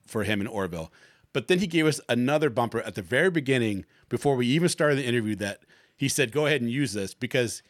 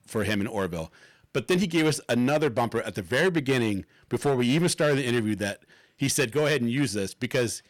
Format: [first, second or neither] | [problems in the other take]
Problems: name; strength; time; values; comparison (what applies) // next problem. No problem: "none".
first | distortion; slight; 6% of the sound clipped